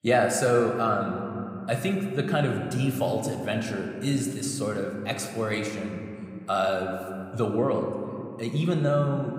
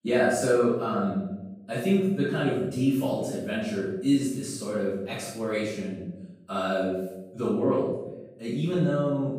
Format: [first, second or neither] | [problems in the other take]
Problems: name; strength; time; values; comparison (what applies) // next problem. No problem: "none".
first | room echo; strong; dies away in 0.9 s; slight in the first // off-mic speech; far